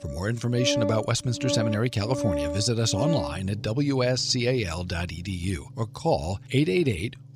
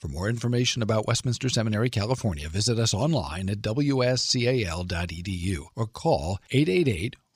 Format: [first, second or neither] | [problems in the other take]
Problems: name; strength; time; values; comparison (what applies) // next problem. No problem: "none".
second | background music; loud; throughout; 6 dB below the speech